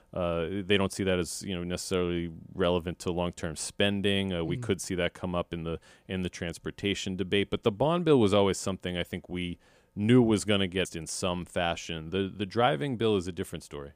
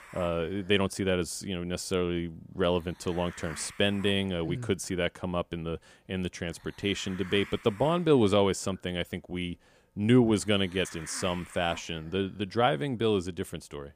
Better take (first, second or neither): first